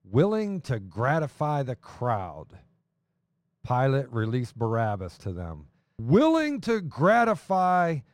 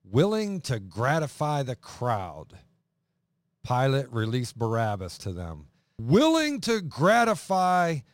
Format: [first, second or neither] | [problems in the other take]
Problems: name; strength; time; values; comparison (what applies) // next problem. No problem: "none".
second | muffled; slightly; fading above 3 kHz